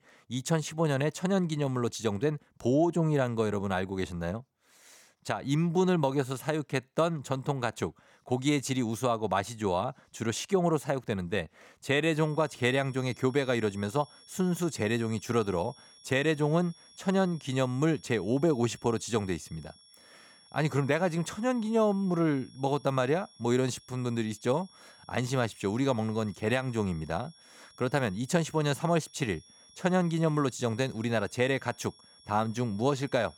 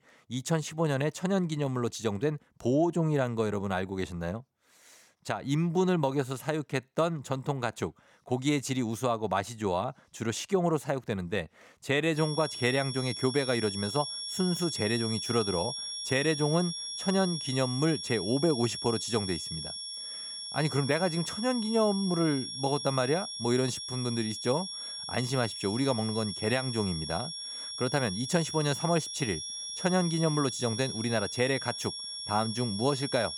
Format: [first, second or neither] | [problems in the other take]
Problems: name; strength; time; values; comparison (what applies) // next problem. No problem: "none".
first | high-pitched whine; loud; from 12 s on; 5.5 kHz, 5 dB below the speech; faint in the first